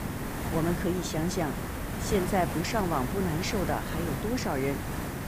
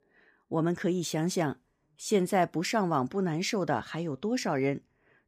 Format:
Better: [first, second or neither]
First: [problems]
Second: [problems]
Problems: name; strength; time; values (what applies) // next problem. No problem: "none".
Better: second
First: hiss; loud; throughout; 3 dB below the speech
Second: none